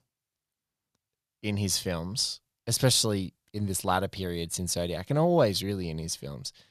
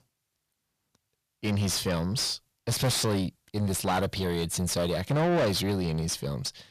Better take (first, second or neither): first